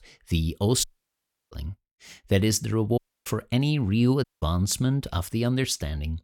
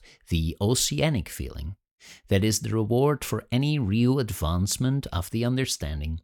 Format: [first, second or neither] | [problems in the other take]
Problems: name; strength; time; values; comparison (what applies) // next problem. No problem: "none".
second | audio cutting out; at 1 s for 0.5 s, at 3 s and at 4 s